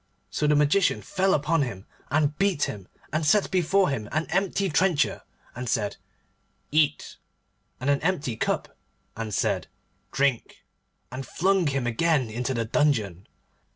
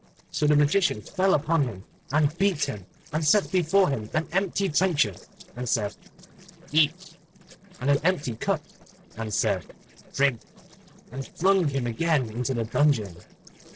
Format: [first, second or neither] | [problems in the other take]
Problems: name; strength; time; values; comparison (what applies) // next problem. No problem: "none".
first | noise reduction (neural separator model SepFormer DNS4)